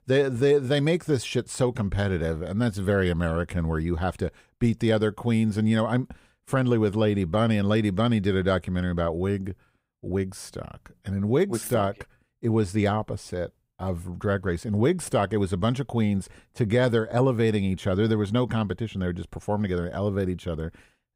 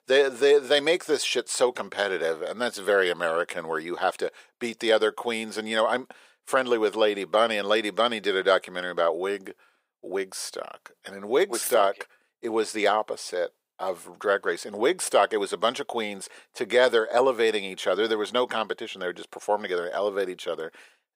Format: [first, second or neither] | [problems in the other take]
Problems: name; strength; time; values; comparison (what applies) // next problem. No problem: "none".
first | thin; very; fading below 450 Hz